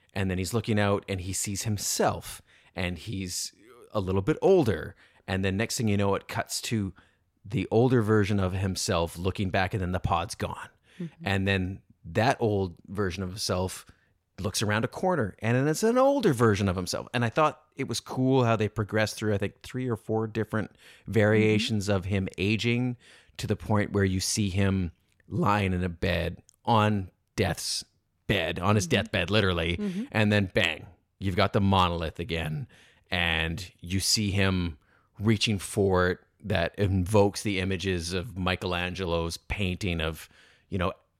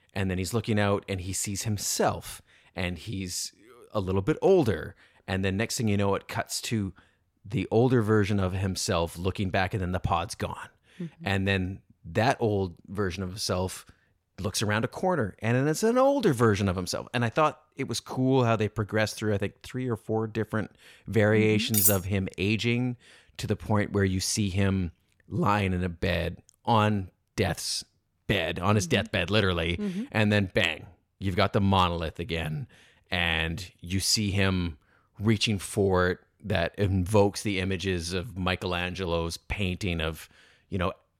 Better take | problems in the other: first | clattering dishes; loud; at 22 s; peak 5 dB above the speech

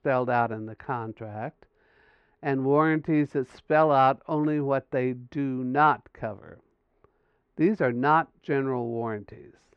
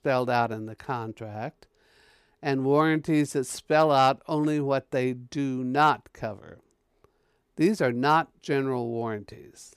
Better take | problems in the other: second | muffled; very; fading above 2 kHz

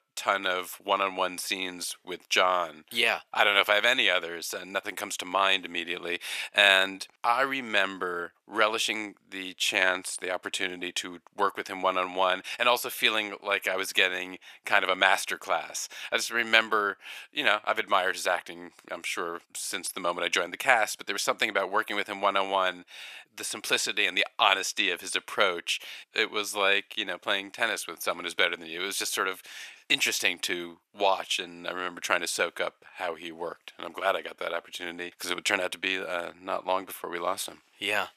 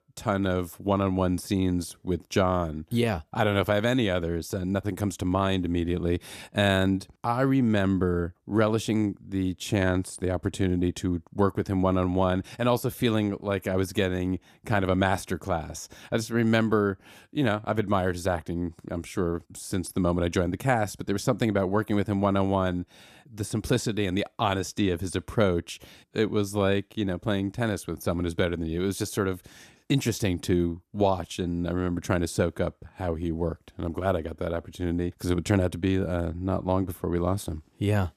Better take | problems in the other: second | thin; very; fading below 800 Hz

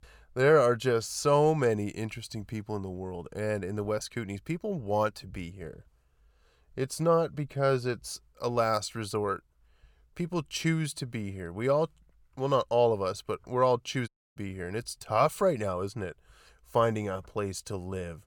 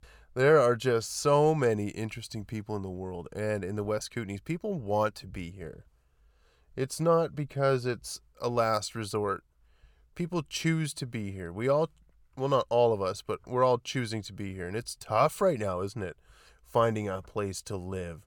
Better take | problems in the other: second | audio cutting out; at 14 s

